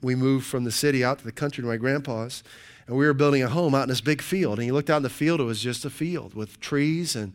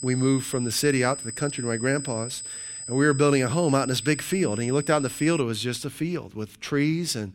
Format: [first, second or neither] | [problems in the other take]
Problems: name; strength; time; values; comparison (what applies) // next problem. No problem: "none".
first | high-pitched whine; loud; until 5.5 s; 8 kHz, 9 dB below the speech